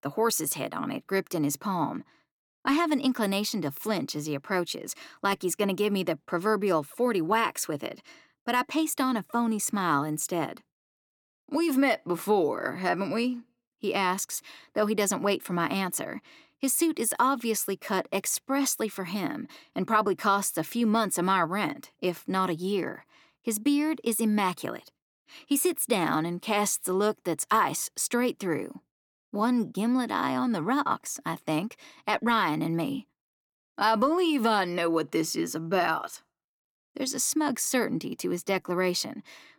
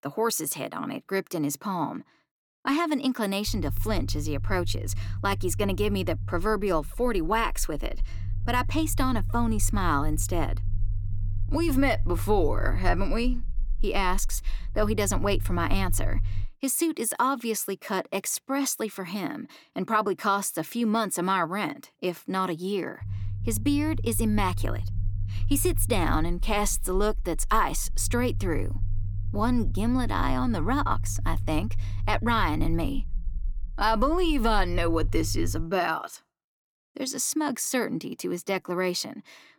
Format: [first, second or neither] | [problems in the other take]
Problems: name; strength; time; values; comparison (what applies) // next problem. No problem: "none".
first | low rumble; faint; from 3.5 to 16 s and from 23 to 36 s; 20 dB below the speech